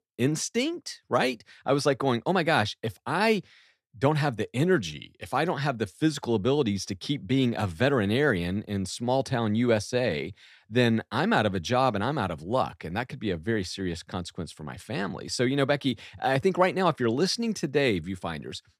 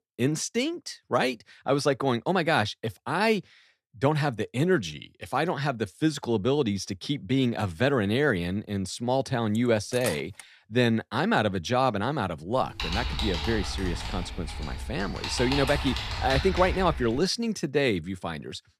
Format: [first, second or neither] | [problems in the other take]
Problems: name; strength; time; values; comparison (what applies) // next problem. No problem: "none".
first | clattering dishes; noticeable; at 9.5 s; peak 9 dB below the speech // keyboard typing; noticeable; from 13 to 17 s; peak 3 dB below the speech